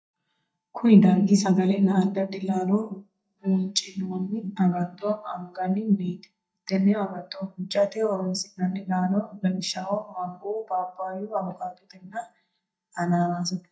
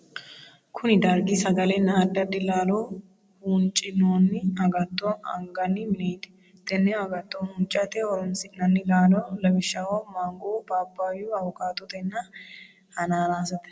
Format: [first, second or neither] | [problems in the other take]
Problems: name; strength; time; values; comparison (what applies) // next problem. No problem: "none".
second | noise reduction (neural mask model DeepFilterNet 3)